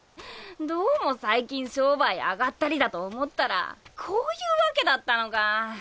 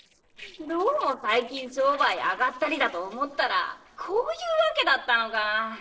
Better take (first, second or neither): first